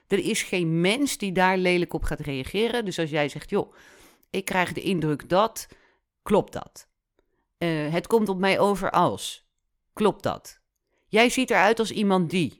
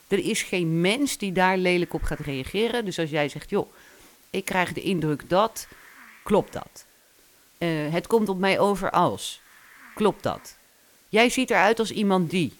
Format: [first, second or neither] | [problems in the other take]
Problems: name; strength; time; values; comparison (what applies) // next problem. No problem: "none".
first | hiss; faint; throughout; 30 dB below the speech